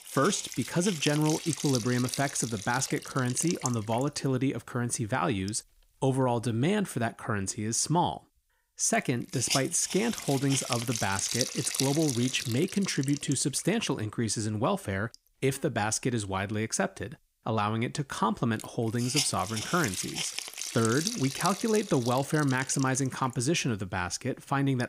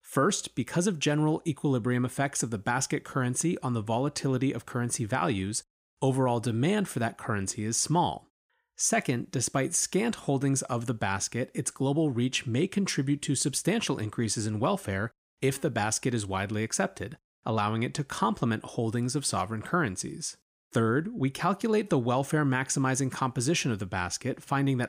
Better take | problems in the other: second | hiss; loud; throughout; 6 dB below the speech

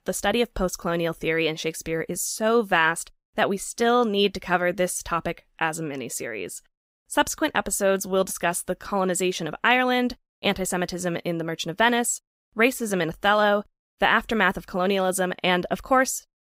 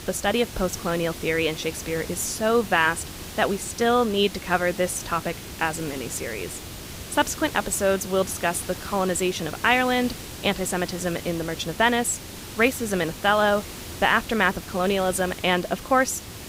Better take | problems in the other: first | hiss; noticeable; throughout; 10 dB below the speech

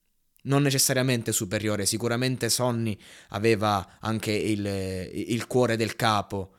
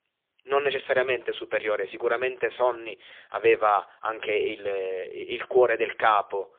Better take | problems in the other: first | phone-call audio; poor line; nothing above 3.5 kHz

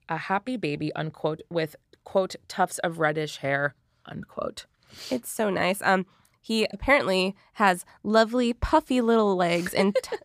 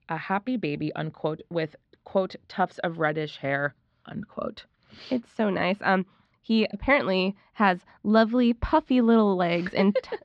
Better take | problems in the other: first | muffled; very slightly; fading above 4 kHz

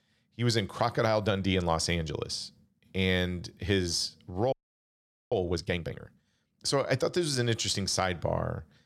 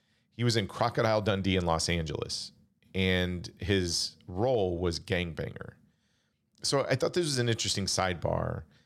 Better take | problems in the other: second | audio freezing; at 4.5 s for 1 s

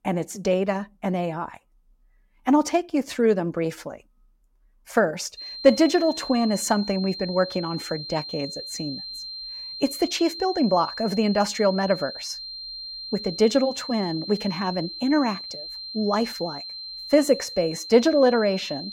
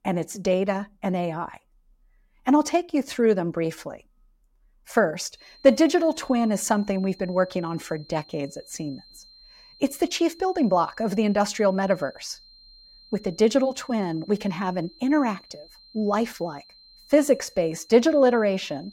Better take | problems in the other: second | high-pitched whine; loud; from 5.5 s on; 4 kHz, 10 dB below the speech; faint in the second

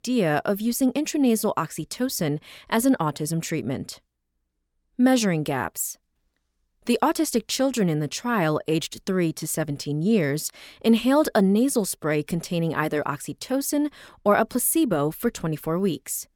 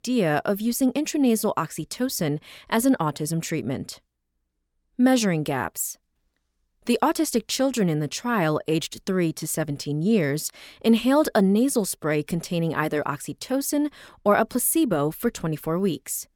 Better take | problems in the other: neither | none

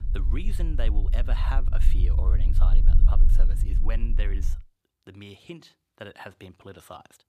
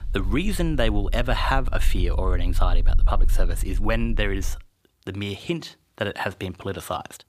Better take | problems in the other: second | low rumble; loud; until 4.5 s; 6 dB below the speech; faint in the second

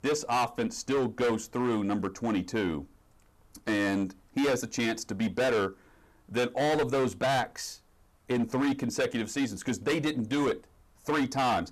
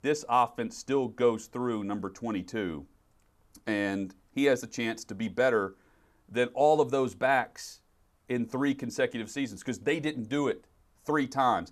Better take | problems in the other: second | distortion; heavy; 15% of the sound clipped

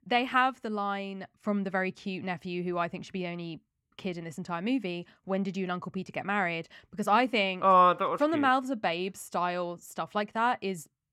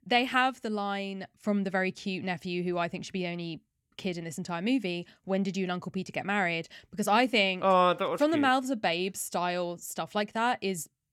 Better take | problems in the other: second | muffled; slightly; fading above 3.5 kHz

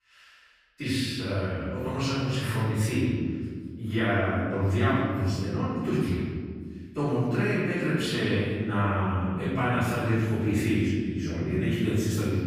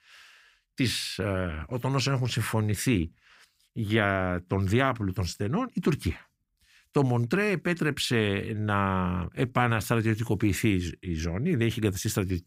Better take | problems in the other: second | off-mic speech; far // room echo; strong; dies away in 1.8 s

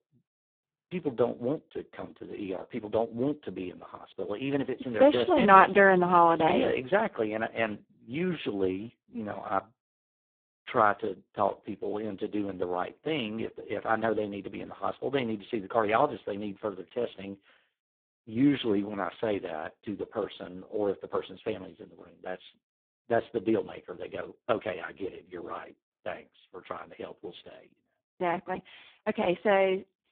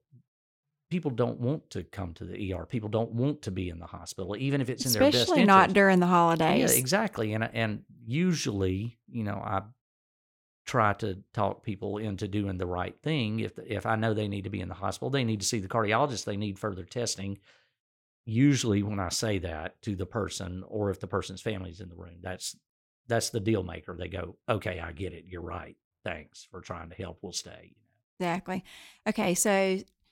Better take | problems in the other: second | phone-call audio; poor line

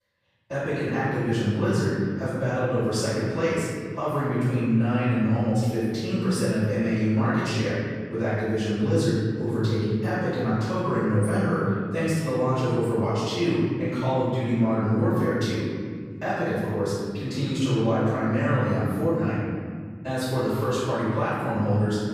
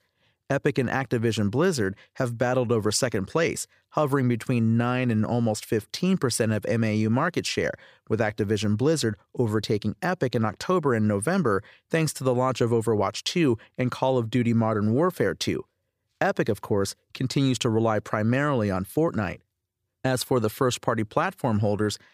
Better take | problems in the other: second | off-mic speech; far // room echo; strong; dies away in 2.3 s

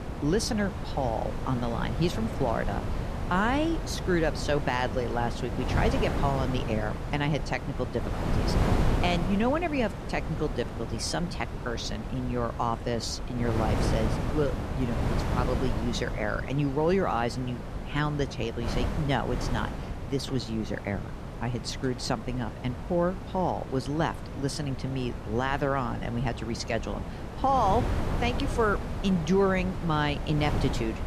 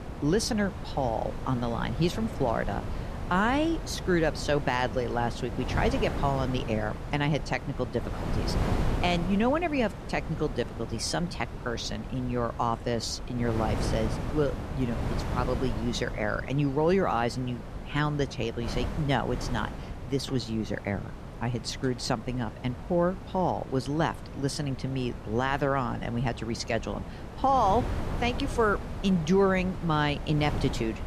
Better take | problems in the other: second | wind noise on the microphone; heavy; 7 dB below the speech; occasional gusts in the second

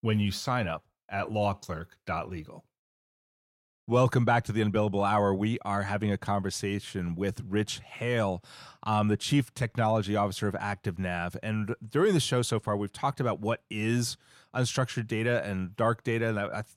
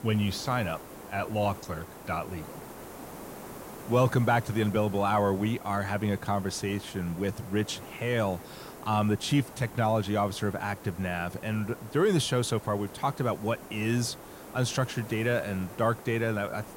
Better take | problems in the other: first | hiss; noticeable; throughout; 15 dB below the speech

